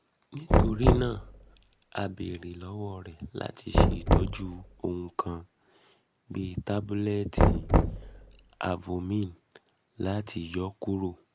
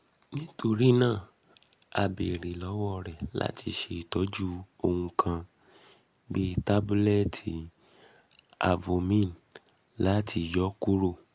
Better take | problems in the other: second | background sound (Knock); 5 dB above the speech

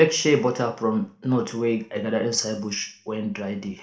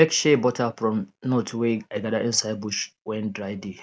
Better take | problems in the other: second | room echo; dies away in 0.4 s

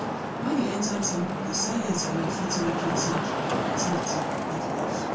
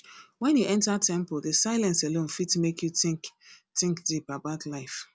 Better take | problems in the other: second | background sound (Traffic noise, roadway noise); 2 dB above the speech // room echo; dies away in 0.3 s

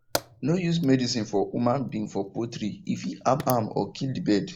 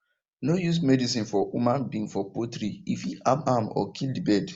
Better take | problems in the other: second | noise reduction (neural mask model Resemble Enhance denoiser)

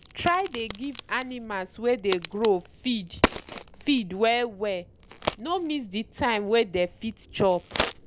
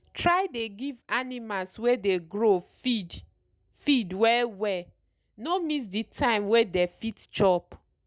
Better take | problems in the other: second | background sound (Crack); 8 dB below the speech

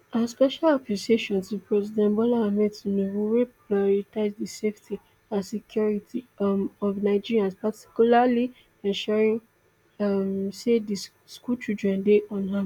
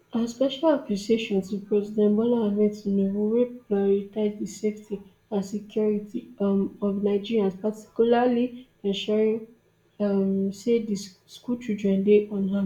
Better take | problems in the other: first | room echo; dies away in 0.4 s

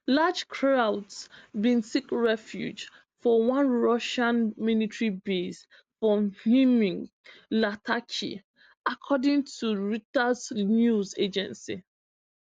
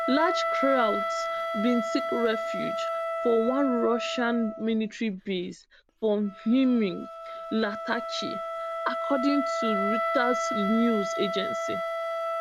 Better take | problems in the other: first | background sound (Wind instrument, woodwind instrument); 3 dB below the speech

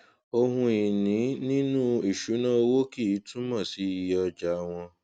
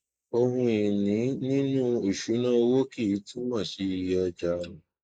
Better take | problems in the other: first | noise reduction (neural mask model Resemble Enhance denoiser)

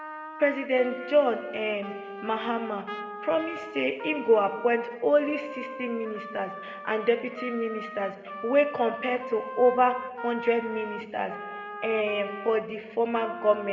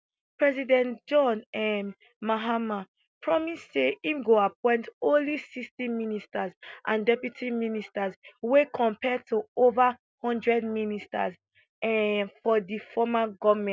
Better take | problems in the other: second | background sound (Trumpet); 12 dB below the speech // room echo; dies away in 1.5 s

